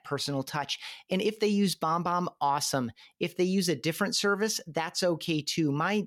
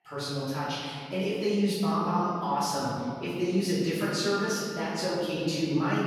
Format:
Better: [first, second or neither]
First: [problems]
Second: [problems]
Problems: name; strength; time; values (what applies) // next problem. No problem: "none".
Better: first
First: none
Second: room echo; strong; dies away in 2.3 s // off-mic speech; far